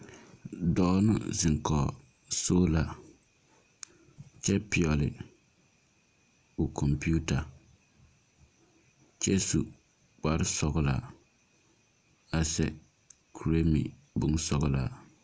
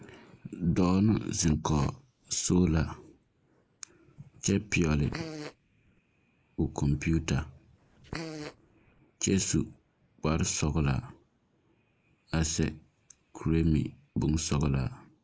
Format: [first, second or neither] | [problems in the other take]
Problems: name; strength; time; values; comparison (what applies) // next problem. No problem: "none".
first | noise reduction (neural mask model Resemble Enhance denoiser)